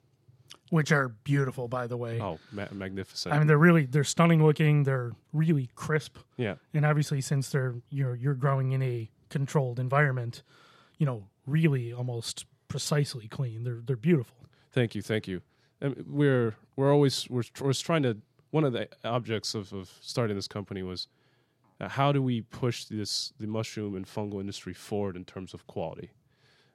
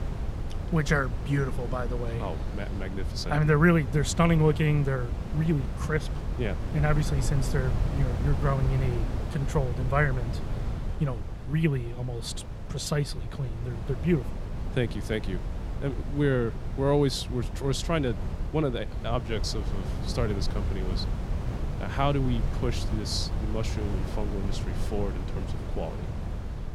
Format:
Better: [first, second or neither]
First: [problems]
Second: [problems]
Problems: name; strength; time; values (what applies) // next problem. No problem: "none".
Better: first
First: none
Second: wind noise on the microphone; occasional gusts; 10 dB below the speech